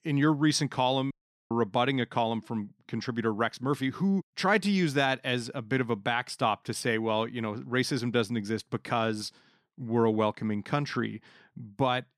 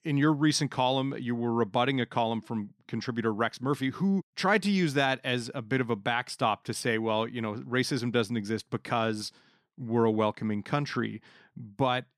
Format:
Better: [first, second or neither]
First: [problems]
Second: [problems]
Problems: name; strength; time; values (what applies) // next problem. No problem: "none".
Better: second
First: audio cutting out; at 1 s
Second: none